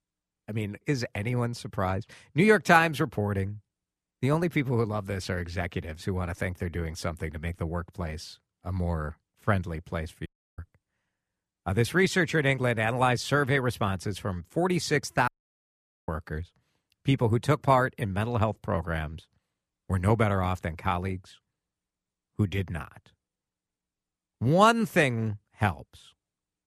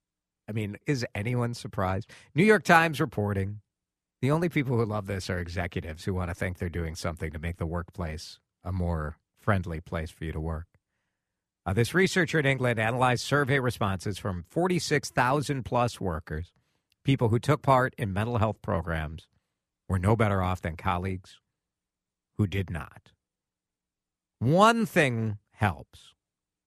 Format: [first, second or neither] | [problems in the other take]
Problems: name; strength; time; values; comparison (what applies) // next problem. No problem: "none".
second | audio cutting out; at 10 s and at 15 s for 1 s